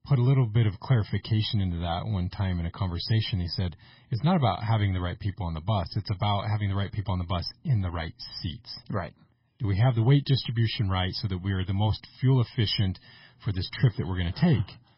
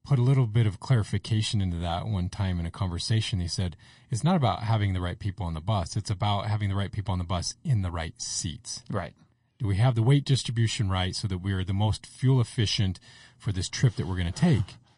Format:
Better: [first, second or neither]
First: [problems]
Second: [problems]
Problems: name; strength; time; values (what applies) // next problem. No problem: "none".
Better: second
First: garbled, watery; badly; nothing above 5.5 kHz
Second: garbled, watery; slightly; nothing above 10.5 kHz